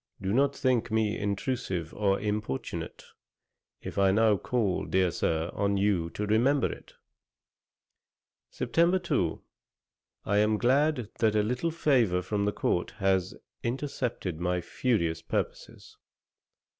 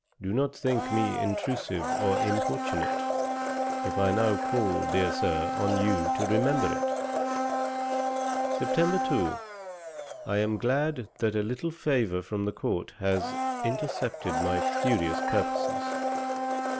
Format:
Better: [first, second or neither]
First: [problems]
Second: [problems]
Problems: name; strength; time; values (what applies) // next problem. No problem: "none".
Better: first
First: none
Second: background sound (Domestic sounds, home sounds); as loud as the speech